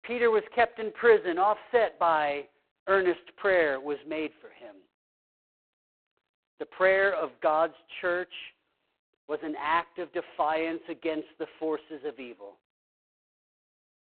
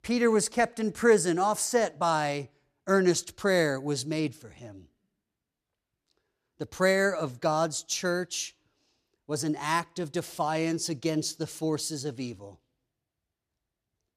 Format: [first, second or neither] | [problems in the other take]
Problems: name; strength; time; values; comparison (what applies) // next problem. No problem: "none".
second | phone-call audio; poor line; nothing above 4 kHz